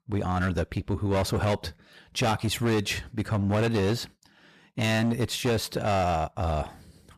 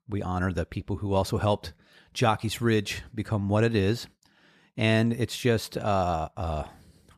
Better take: second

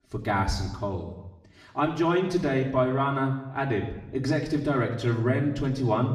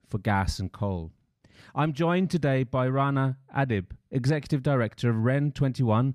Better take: second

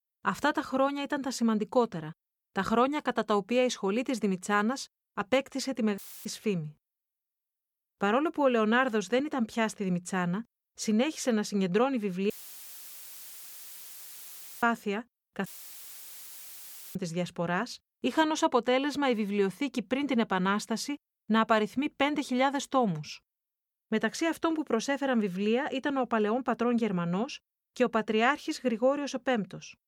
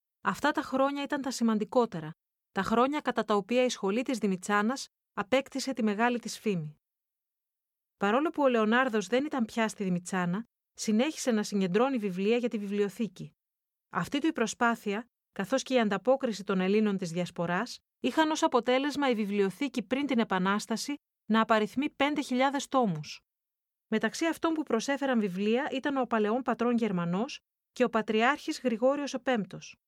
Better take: second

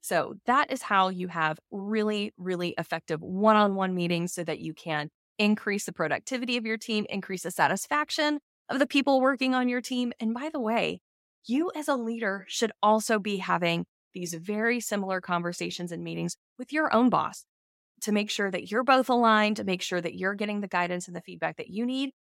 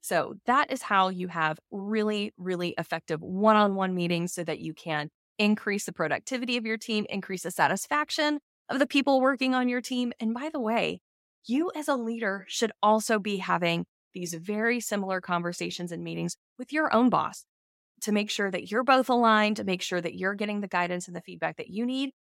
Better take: neither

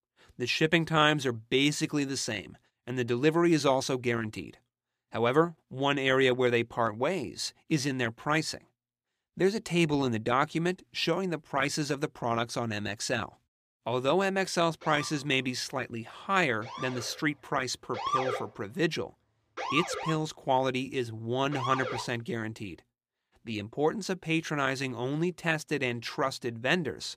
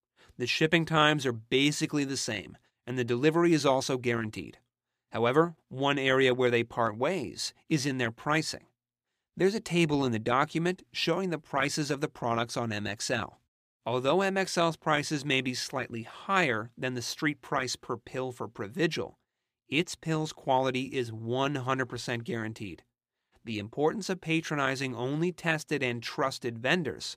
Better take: second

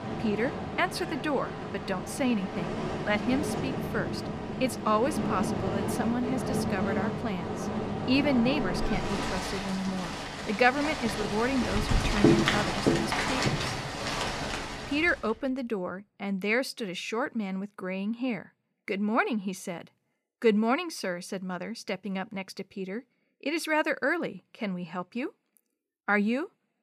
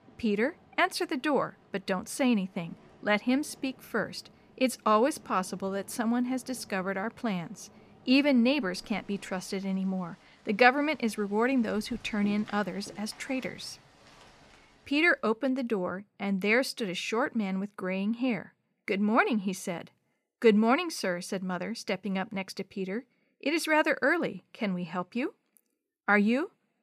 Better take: second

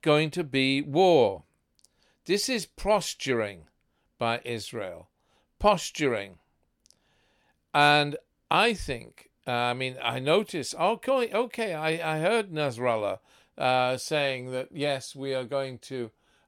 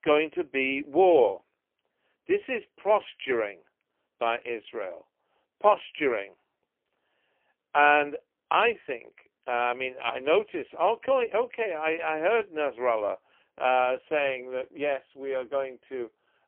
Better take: first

